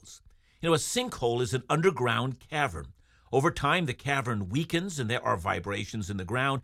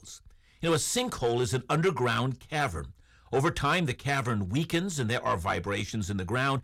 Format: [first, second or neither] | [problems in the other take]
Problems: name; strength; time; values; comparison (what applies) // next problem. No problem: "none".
first | distortion; slight; 10 dB below the speech